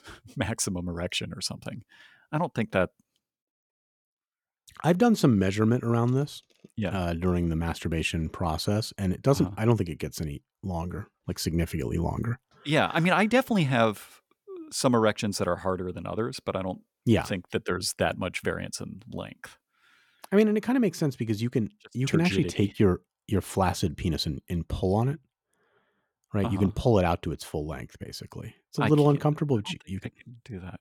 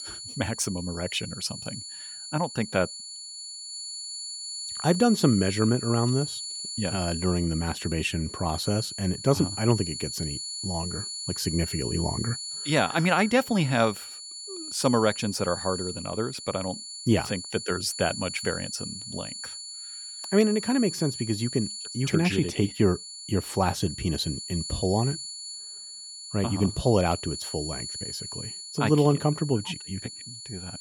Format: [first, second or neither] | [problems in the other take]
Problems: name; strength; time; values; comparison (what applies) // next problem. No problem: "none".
first | high-pitched whine; loud; throughout; 4.5 kHz, 8 dB below the speech